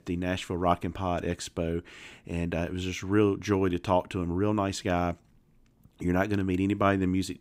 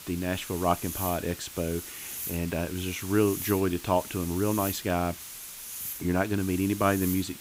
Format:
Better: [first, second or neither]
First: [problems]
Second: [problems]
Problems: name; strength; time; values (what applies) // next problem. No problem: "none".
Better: first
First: none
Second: hiss; loud; throughout; 8 dB below the speech